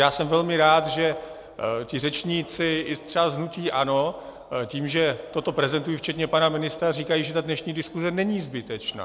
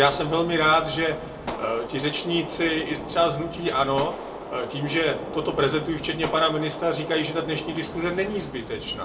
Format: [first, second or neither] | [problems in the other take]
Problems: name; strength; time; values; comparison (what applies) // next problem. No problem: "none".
first | background sound (Gunshot, gunfire); 10 dB below the speech // room echo; dies away in 0.2 s